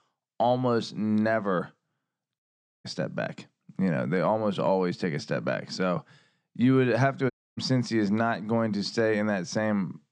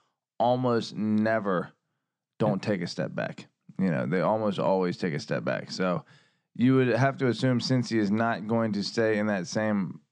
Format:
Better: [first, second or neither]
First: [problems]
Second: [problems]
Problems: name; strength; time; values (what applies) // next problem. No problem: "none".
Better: second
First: audio cutting out; at 2.5 s and at 7.5 s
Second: none